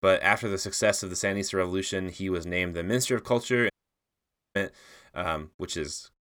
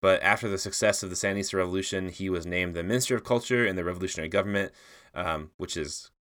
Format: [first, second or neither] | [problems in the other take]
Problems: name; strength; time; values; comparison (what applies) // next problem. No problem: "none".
second | audio cutting out; at 3.5 s for 1 s